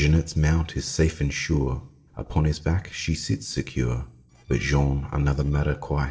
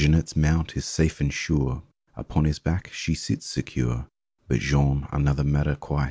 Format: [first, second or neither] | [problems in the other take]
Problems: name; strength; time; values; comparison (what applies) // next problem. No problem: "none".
second | noise reduction (neural separator model SepFormer DNS4)